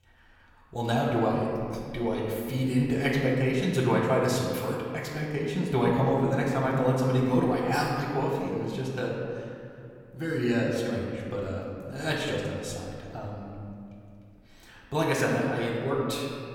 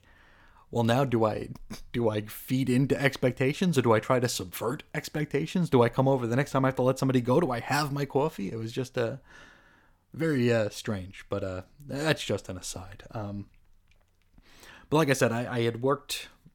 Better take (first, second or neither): second